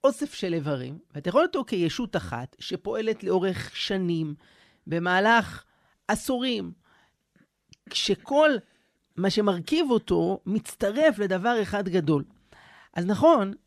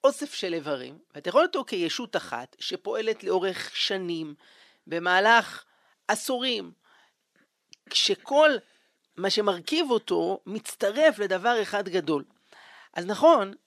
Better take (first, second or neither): first